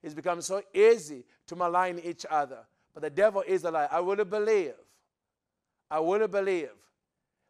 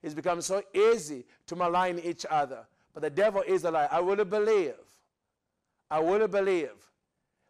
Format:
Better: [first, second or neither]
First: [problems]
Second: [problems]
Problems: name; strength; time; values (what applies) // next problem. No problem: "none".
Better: first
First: none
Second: distortion; slight; 10 dB below the speech